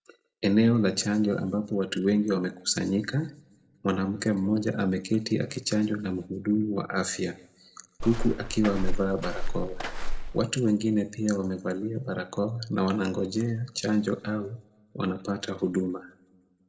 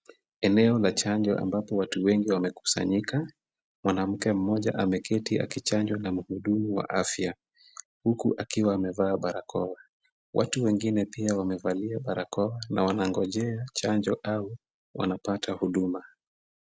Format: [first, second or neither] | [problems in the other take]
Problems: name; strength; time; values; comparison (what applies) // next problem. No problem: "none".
second | background sound (Walk, footsteps); 1 dB above the speech // room echo; dies away in 0.5 s